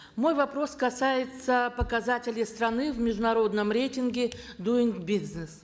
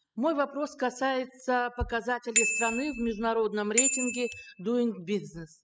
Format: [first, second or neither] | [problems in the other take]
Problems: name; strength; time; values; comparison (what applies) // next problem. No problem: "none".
first | noise reduction (classical method spectral subtraction)